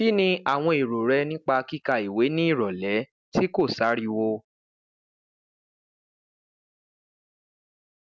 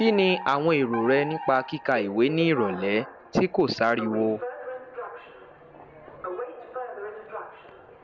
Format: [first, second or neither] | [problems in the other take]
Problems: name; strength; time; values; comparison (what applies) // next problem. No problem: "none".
first | background sound (Alarm); 11 dB below the speech